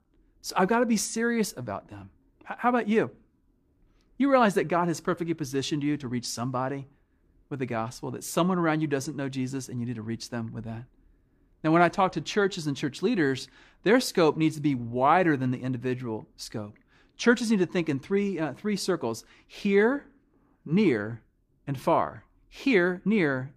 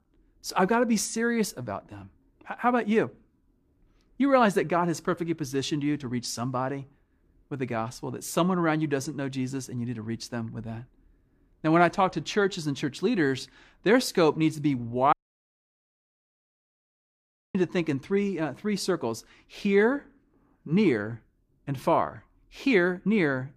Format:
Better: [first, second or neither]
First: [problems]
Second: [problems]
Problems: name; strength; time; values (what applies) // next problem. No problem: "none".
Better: first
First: none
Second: audio cutting out; at 15 s for 2.5 s